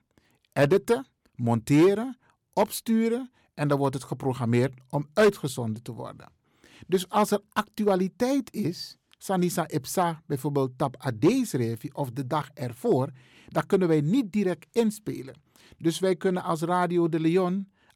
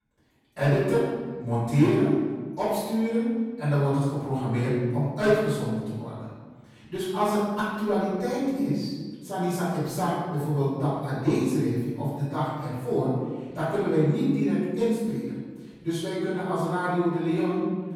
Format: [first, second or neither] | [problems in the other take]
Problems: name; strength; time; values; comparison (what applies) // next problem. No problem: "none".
first | off-mic speech; far // room echo; strong; dies away in 1.4 s